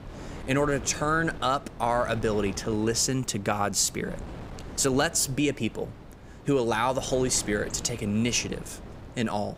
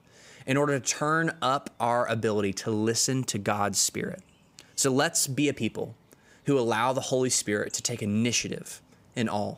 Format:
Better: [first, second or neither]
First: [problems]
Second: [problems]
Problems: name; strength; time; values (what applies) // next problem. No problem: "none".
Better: second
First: wind noise on the microphone; occasional gusts; 20 dB below the speech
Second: none